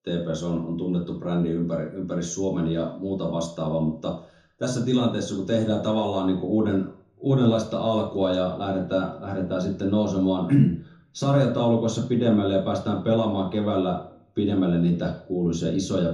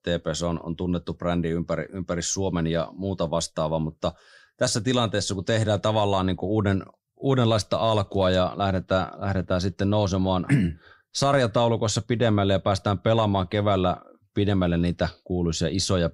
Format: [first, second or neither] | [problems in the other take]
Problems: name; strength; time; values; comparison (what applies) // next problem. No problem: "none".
second | room echo; slight; dies away in 0.6 s // off-mic speech; far